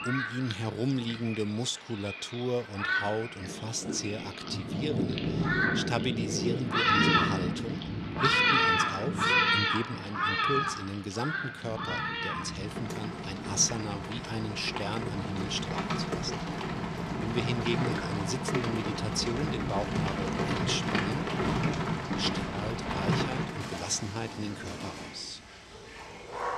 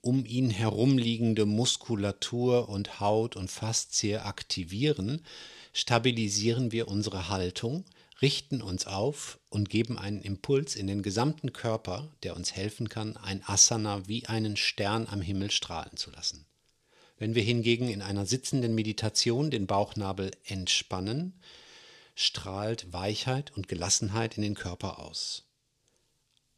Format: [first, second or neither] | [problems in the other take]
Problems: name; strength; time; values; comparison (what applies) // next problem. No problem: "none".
second | rain or running water; very loud; throughout; 4 dB above the speech